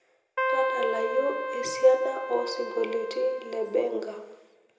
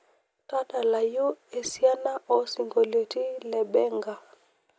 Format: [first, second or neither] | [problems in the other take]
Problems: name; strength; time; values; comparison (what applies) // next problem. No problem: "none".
second | background sound (Keyboard (musical)); 4 dB below the speech // room echo; dies away in 0.8 s